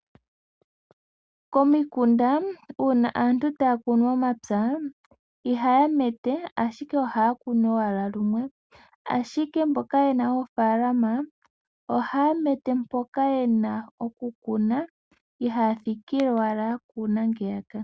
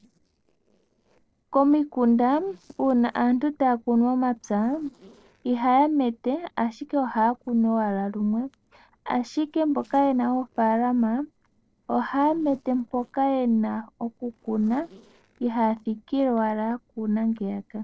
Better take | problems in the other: first | noise reduction (neural separator model SepFormer DNS4)

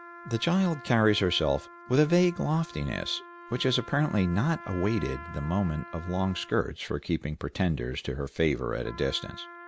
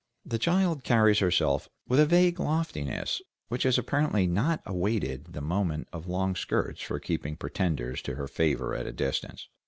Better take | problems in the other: second | background sound (Trumpet); 18 dB below the speech

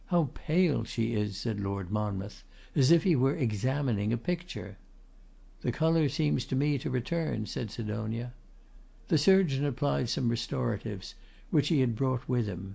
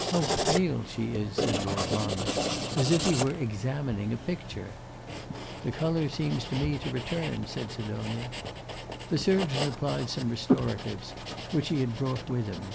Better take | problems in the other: first | background sound (Writing); 3 dB below the speech

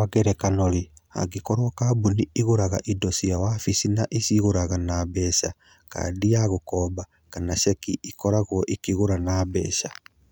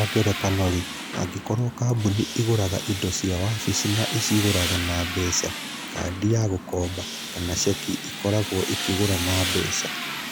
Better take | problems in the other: first | background sound (Tools); 6 dB below the speech

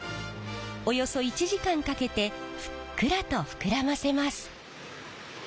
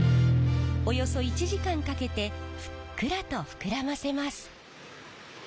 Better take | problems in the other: first | background sound (Guitar); 4 dB above the speech

